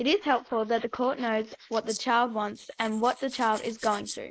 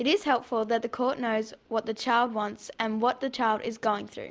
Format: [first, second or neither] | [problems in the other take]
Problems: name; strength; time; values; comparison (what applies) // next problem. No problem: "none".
second | noise reduction (neural mask model Resemble Enhance denoiser)